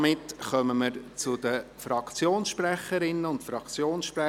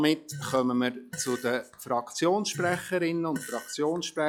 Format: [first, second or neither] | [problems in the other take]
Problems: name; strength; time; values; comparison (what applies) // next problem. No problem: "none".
first | noise reduction (classical method log-MMSE)